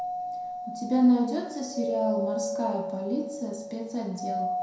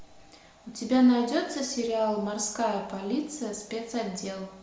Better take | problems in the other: second | background sound (Doorbell); 4 dB below the speech // room echo; dies away in 0.6 s

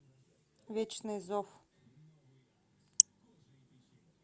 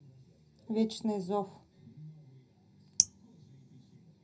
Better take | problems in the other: first | room echo; dies away in 0.4 s

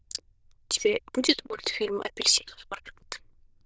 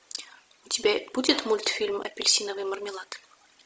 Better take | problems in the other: second | noise reduction (neural diffusion model UNIVERSE++)

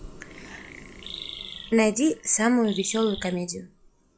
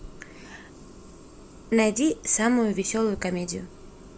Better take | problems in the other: second | noise reduction (classical method log-MMSE)

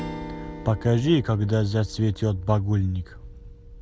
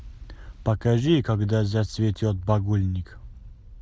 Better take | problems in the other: second | background sound (Strum); 16 dB below the speech

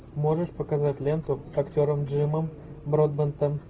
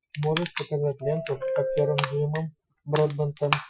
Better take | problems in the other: first | noise reduction (classical method Wiener filter)

